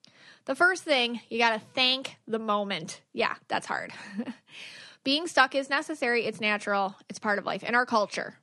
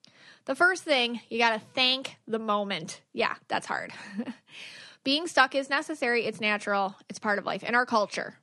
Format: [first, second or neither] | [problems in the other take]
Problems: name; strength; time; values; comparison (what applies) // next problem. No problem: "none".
neither | none